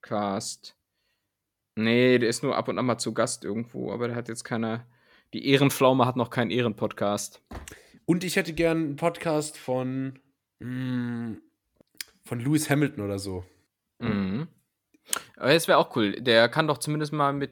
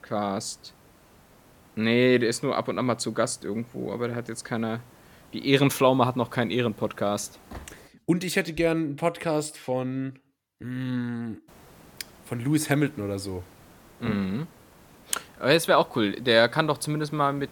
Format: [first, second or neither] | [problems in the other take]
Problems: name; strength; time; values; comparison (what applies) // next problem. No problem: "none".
first | hiss; faint; until 8 s and from 11 s on; 25 dB below the speech